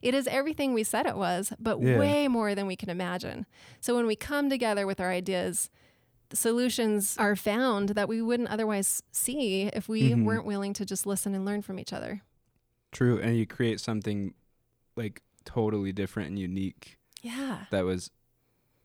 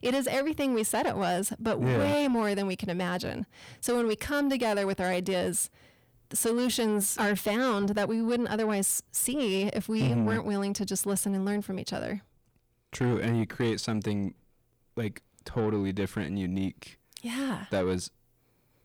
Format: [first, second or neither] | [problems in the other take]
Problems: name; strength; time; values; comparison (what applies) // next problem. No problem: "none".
first | distortion; slight; 10 dB below the speech